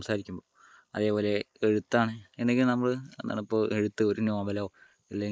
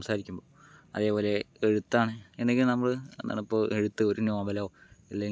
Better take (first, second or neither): second